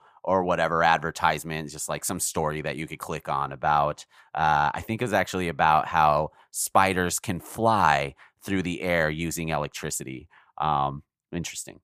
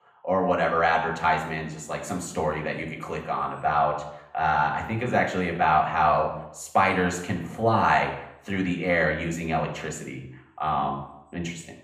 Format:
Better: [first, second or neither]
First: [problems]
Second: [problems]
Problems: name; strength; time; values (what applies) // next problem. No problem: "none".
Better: first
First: none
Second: room echo; noticeable; dies away in 0.7 s // off-mic speech; far